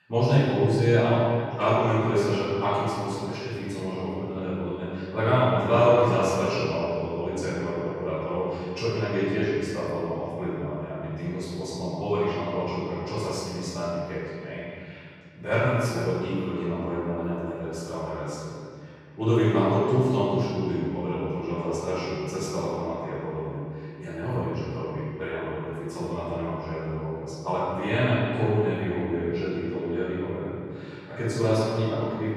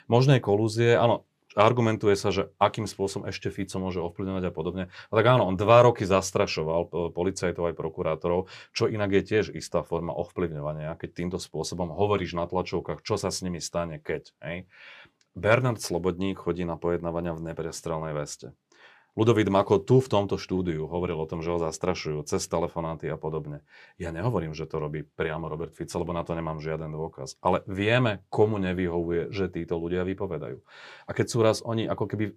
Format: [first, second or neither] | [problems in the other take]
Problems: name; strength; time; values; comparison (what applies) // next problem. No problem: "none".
second | room echo; strong; dies away in 2.1 s // off-mic speech; far